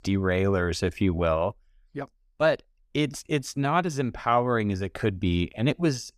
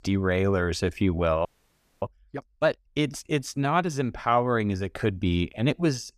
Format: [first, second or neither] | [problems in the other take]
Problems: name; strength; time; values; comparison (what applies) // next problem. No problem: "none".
first | audio freezing; at 1.5 s for 0.5 s